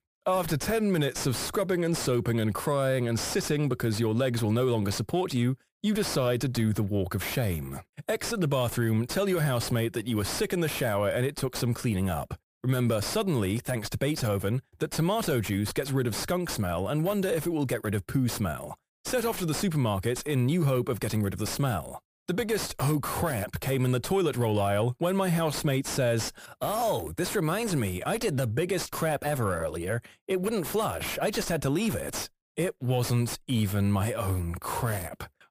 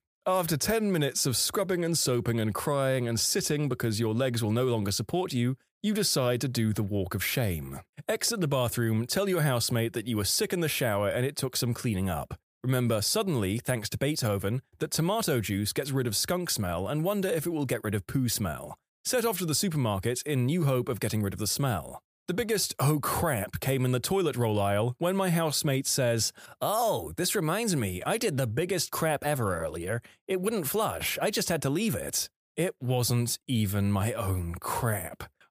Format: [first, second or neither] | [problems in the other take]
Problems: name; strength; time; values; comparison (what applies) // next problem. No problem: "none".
second | distortion; slight; 9 dB below the speech